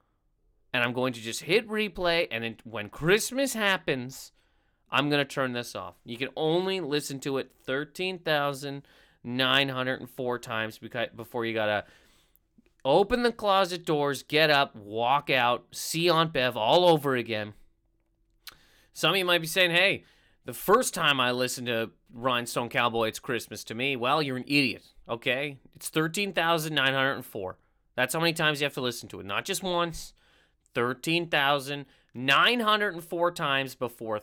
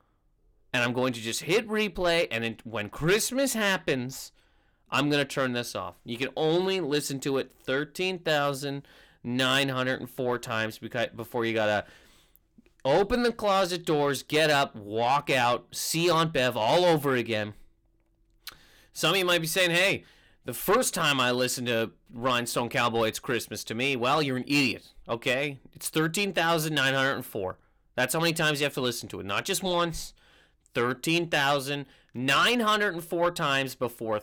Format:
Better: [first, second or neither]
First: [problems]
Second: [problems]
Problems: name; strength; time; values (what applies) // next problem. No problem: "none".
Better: first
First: none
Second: distortion; slight; 10 dB below the speech